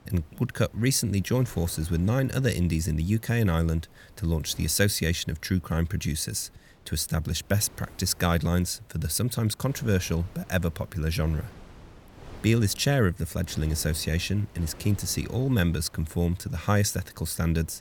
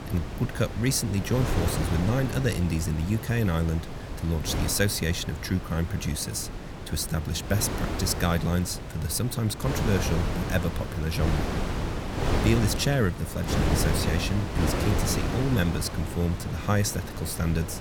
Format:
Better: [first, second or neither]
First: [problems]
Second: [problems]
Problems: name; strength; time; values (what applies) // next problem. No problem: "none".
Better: first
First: wind noise on the microphone; occasional gusts; 25 dB below the speech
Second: wind noise on the microphone; heavy; 3 dB below the speech